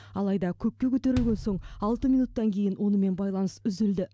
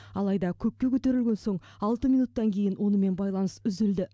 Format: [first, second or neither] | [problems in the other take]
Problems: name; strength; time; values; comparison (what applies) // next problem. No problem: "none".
second | background sound (Bass drum); 12 dB below the speech